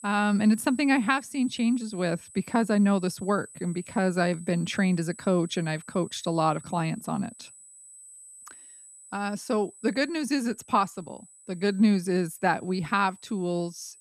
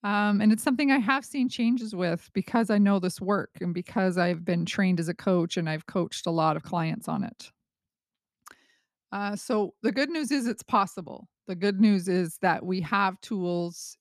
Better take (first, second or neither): second